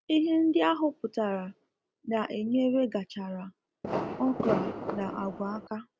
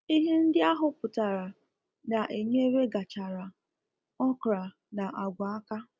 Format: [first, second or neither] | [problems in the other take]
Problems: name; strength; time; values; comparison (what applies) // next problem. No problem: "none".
second | background sound (Fireworks); 4 dB below the speech